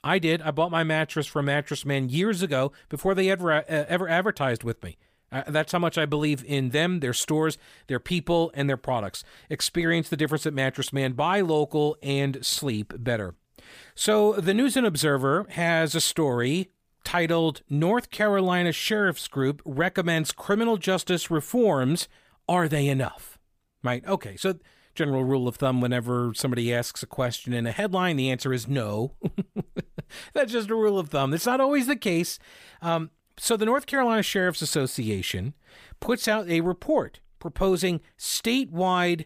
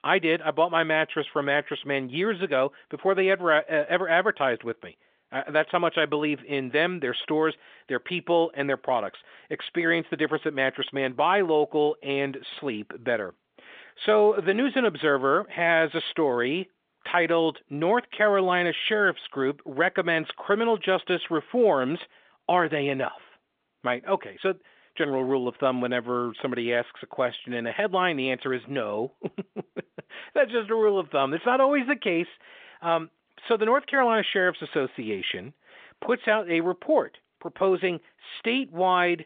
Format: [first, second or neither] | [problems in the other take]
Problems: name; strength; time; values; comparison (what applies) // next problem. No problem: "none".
first | phone-call audio